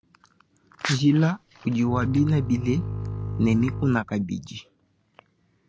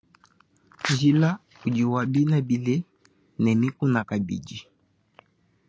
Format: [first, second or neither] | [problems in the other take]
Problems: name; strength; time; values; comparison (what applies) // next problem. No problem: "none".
second | background sound (Bowed string instrument); 6 dB below the speech